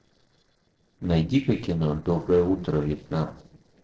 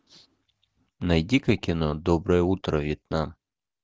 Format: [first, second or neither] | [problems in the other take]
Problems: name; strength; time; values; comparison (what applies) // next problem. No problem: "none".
second | noise reduction (neural separator model SepFormer DNS4)